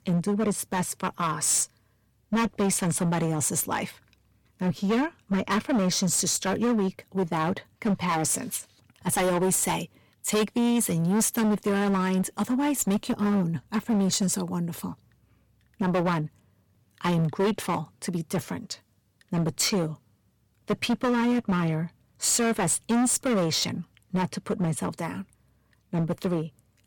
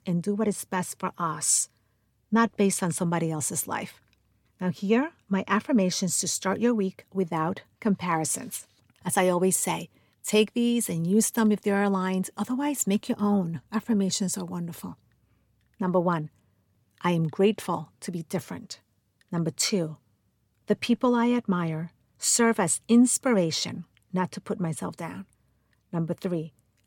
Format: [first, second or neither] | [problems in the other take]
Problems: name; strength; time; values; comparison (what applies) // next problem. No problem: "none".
second | distortion; heavy; 14% of the sound clipped